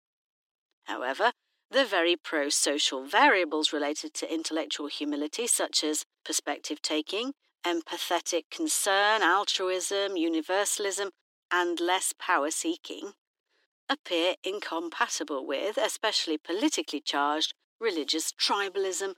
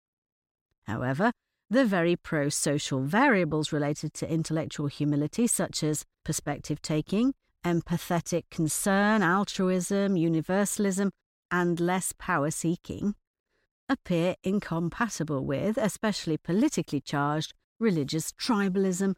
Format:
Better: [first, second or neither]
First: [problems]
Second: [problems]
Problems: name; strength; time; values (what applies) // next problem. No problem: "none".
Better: second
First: thin; very; fading below 300 Hz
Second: none